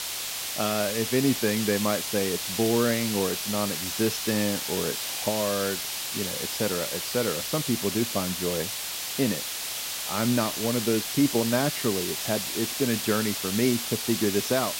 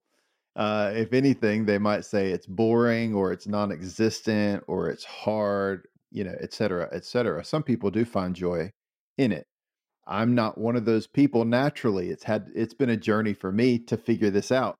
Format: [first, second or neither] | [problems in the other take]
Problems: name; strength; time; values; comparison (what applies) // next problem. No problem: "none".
second | hiss; loud; throughout; 1 dB below the speech